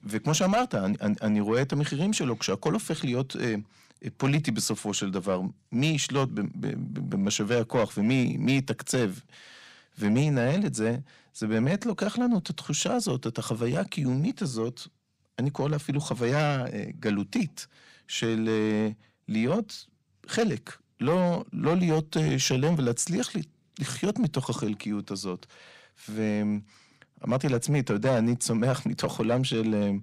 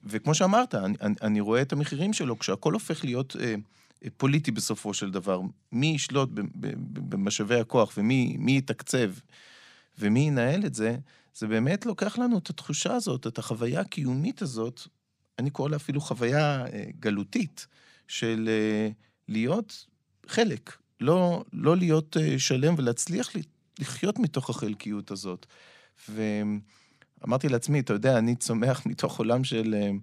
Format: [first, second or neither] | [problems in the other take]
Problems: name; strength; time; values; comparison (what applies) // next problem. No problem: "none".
second | distortion; slight; 10 dB below the speech